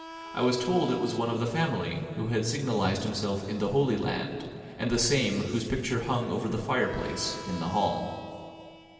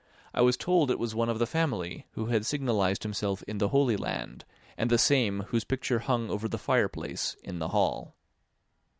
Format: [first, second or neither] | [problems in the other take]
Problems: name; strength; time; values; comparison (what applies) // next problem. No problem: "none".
second | background sound (Harmonica); 18 dB below the speech // room echo; dies away in 2.6 s